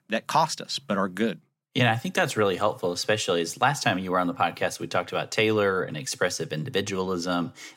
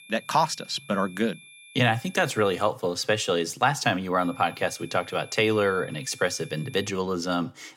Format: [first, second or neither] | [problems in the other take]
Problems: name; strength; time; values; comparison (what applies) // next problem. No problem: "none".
first | high-pitched whine; faint; until 2.5 s and from 4 to 7 s; 2.5 kHz, 20 dB below the speech